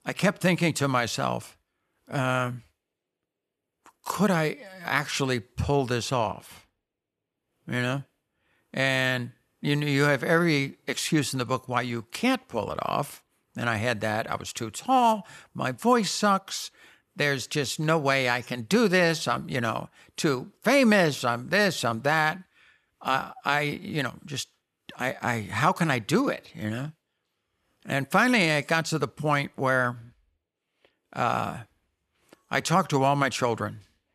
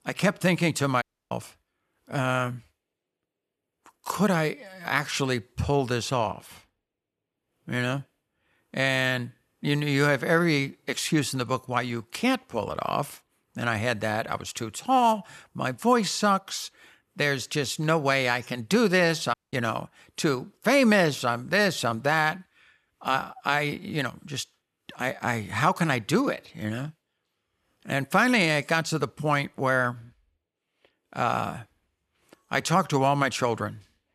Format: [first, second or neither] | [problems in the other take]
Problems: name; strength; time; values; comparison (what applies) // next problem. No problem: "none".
first | audio cutting out; at 1 s and at 19 s